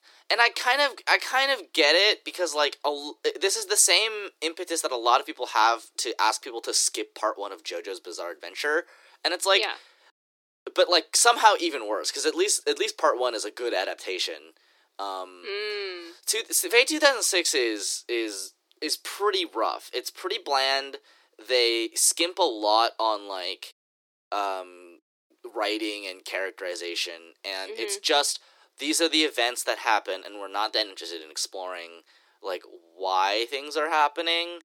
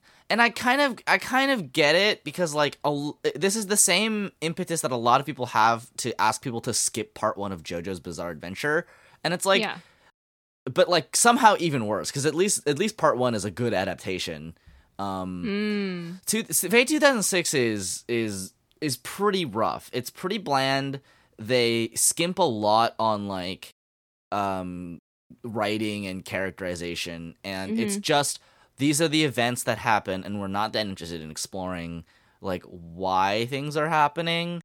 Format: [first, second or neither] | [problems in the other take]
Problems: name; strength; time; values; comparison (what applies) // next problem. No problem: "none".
second | thin; very; fading below 300 Hz